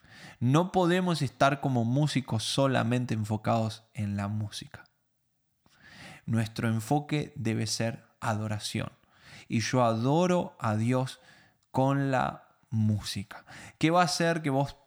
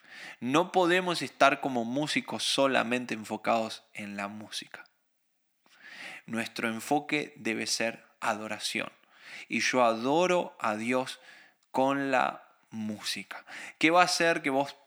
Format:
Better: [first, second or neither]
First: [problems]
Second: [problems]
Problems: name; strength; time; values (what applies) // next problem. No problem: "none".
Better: first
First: none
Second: thin; somewhat; fading below 250 Hz